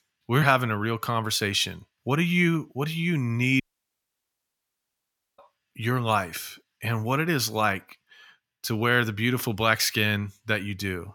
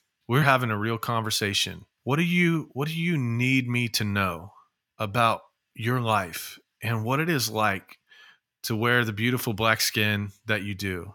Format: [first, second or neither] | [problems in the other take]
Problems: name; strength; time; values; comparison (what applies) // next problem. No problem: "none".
second | audio cutting out; at 3.5 s for 2 s